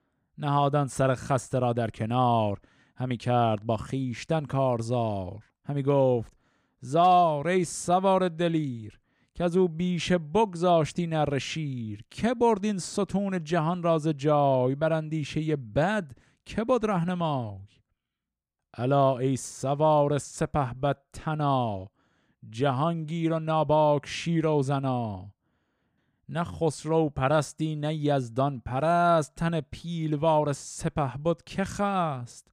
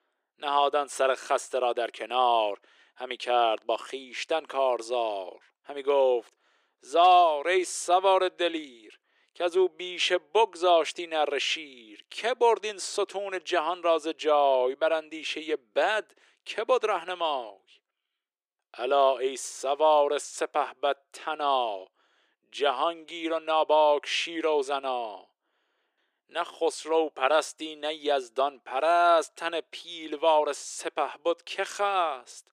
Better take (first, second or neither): first